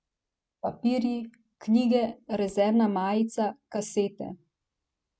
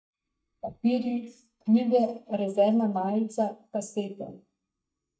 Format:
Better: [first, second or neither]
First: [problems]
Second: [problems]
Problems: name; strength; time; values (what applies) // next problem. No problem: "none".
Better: first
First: none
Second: noise reduction (neural mask model DeepFilterNet 3)